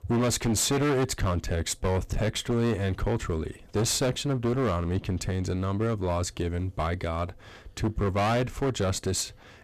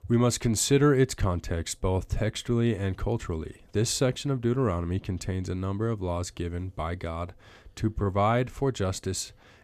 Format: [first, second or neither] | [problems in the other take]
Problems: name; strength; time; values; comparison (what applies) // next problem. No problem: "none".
second | distortion; heavy; 19% of the sound clipped